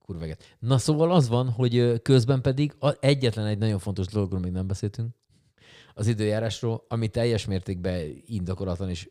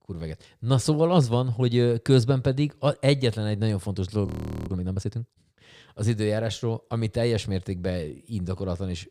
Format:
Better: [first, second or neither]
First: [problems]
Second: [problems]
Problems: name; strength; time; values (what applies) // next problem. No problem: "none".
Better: first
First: none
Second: audio freezing; at 4.5 s